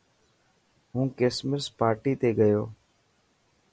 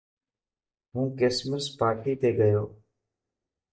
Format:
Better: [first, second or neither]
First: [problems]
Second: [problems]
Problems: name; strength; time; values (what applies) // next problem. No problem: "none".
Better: first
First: none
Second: noise reduction (neural mask model DeepFilterNet 3)